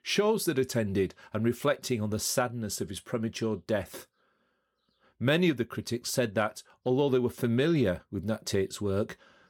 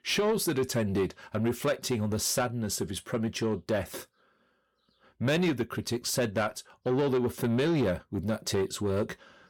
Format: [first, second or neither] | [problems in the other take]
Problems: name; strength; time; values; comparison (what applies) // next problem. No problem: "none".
first | distortion; slight; 10 dB below the speech